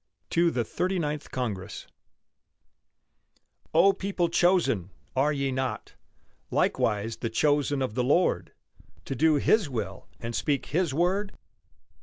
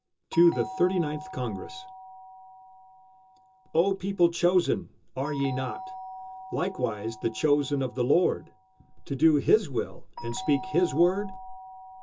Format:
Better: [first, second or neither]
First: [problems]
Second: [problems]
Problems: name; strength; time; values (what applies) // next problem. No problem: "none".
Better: first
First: none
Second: background sound (Doorbell); 15 dB below the speech // room echo; dies away in 0.2 s